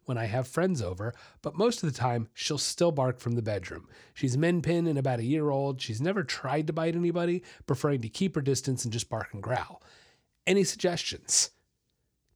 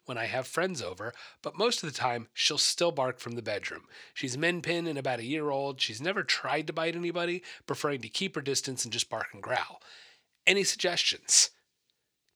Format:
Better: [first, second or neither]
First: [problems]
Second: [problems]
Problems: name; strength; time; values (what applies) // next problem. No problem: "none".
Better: first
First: none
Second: thin; somewhat; fading below 1 kHz